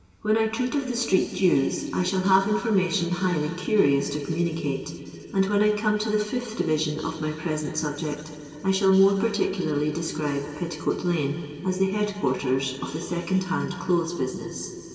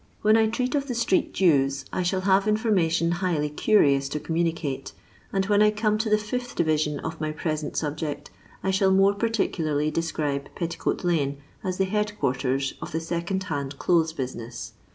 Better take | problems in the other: second | room echo; dies away in 2.6 s

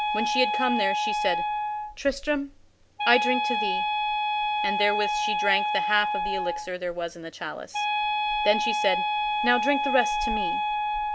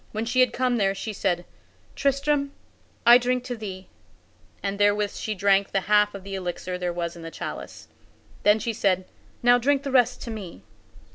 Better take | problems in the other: second | background sound (Wind instrument, woodwind instrument); 2 dB above the speech

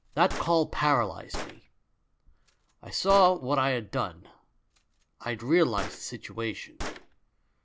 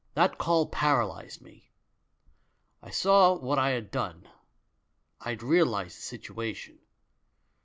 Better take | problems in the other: second | background sound (Gunshot, gunfire); 12 dB below the speech

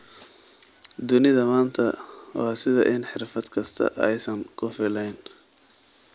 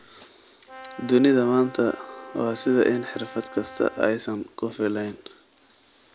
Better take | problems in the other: first | background sound (Brass instrument); 17 dB below the speech

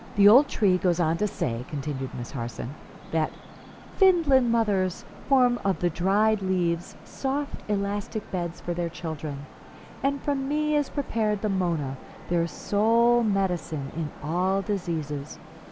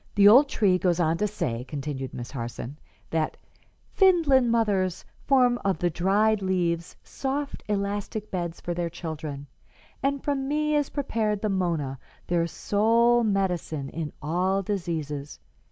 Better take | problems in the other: second | background sound (Traffic noise, roadway noise); 19 dB below the speech

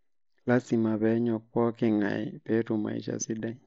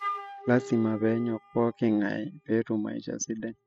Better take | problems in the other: first | noise reduction (classical method spectral subtraction)

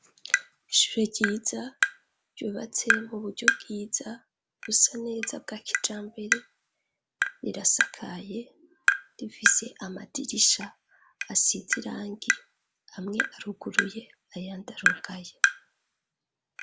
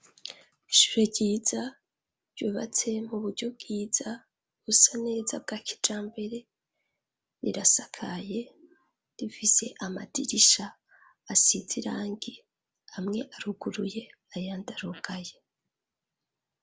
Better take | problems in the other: second | background sound (Tap); as loud as the speech

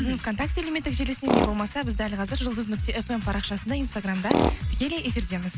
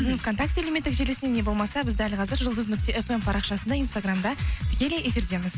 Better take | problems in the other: second | background sound (Tools); 5 dB below the speech

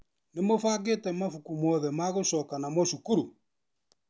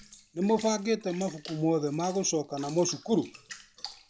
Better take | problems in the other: first | background sound (Bathtub (filling or washing) / Water); 19 dB below the speech

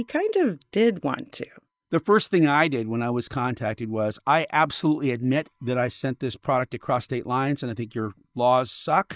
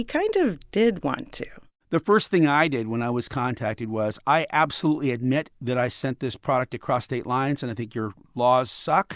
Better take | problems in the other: second | noise reduction (neural mask model DeepFilterNet 3)

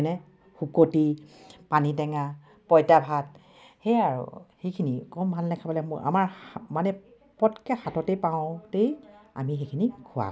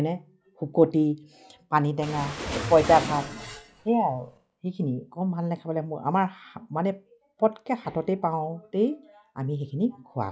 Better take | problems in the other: first | noise reduction (classical method log-MMSE)

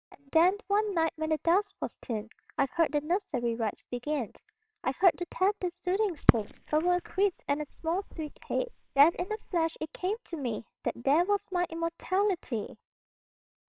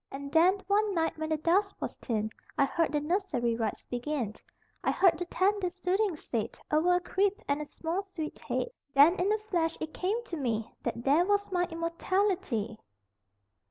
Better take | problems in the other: second | noise reduction (neural separator model SepFormer WHAMR!)

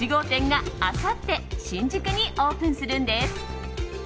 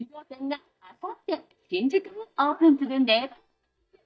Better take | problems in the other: first | noise reduction (neural mask model DeepFilterNet 3)

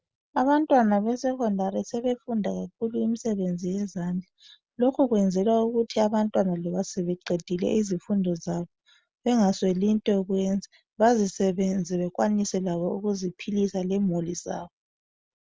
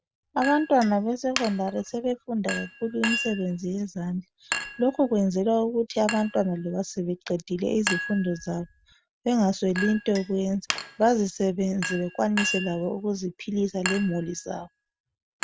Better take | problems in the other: first | background sound (Chink, clink); 10 dB below the speech

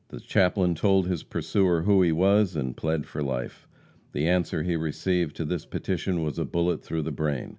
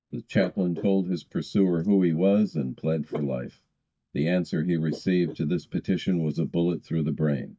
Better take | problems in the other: first | noise reduction (neural mask model DeepFilterNet 3)

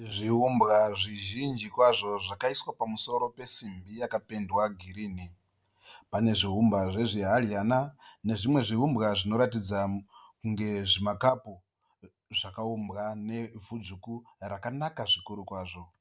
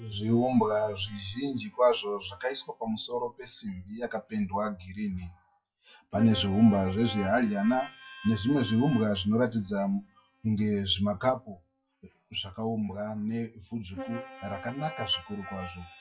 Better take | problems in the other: first | noise reduction (classical method WPE with log-MMSE)

